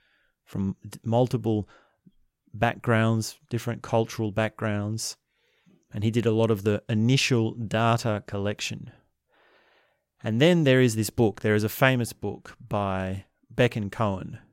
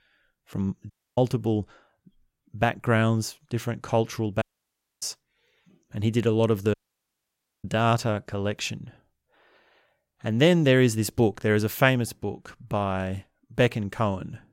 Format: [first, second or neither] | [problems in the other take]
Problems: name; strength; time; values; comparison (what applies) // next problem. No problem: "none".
first | audio cutting out; at 1 s, at 4.5 s for 0.5 s and at 6.5 s for 1 s